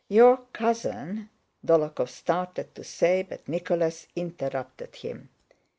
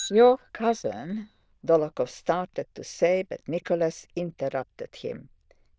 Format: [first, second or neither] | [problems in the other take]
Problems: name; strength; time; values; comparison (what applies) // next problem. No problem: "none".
first | noise reduction (neural diffusion model UNIVERSE++)